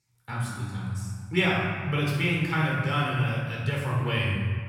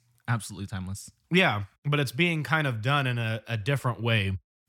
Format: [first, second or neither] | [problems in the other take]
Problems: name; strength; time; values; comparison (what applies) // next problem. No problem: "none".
second | room echo; strong; dies away in 2.1 s // off-mic speech; far